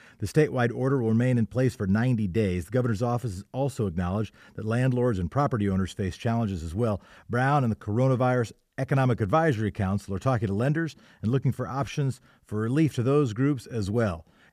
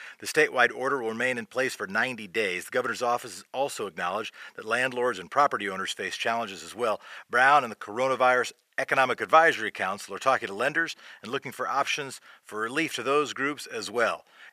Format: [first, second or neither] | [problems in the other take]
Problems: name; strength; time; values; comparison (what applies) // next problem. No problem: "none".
first | thin; very; fading below 700 Hz